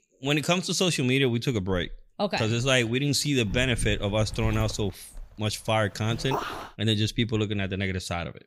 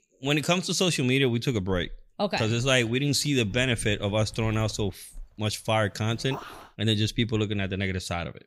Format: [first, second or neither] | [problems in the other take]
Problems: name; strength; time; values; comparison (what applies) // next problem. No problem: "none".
second | wind noise on the microphone; heavy; from 3.5 to 6.5 s; 9 dB below the speech; occasional gusts in the second